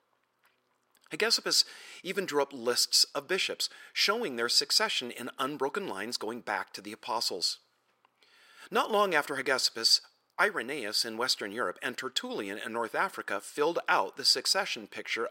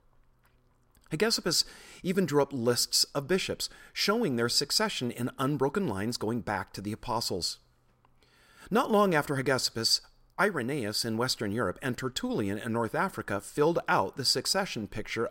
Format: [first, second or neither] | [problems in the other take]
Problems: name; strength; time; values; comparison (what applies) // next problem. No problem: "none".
second | thin; somewhat; fading below 350 Hz